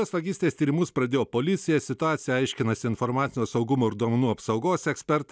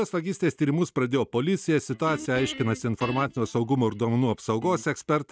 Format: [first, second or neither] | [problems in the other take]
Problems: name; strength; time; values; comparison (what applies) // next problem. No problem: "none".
first | noise reduction (neural mask model RNNoise)